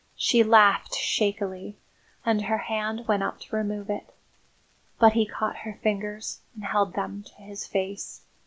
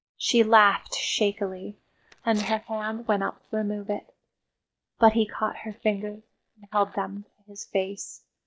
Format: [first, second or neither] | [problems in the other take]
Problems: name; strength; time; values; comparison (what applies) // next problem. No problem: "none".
first | noise reduction (neural mask model DeepFilterNet 3)